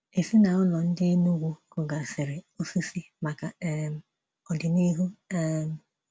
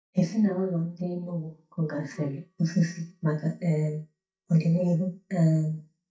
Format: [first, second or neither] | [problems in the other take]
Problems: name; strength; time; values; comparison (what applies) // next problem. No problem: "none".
first | noise reduction (neural mask model DeepFilterNet 3)